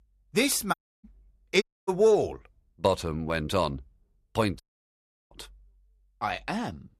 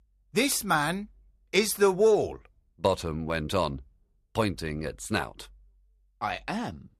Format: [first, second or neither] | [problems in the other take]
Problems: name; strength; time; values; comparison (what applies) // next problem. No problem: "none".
second | audio cutting out; at 0.5 s, at 1.5 s and at 4.5 s for 0.5 s